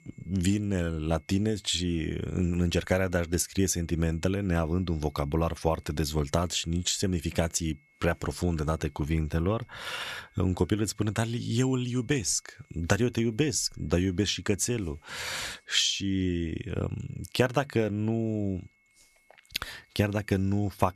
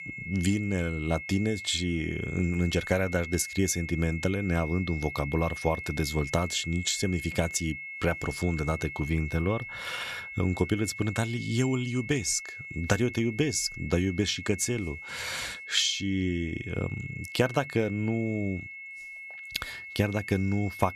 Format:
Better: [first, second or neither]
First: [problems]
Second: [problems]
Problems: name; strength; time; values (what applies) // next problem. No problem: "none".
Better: first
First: high-pitched whine; faint; throughout; 2 kHz, 35 dB below the speech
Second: high-pitched whine; loud; throughout; 2 kHz, 9 dB below the speech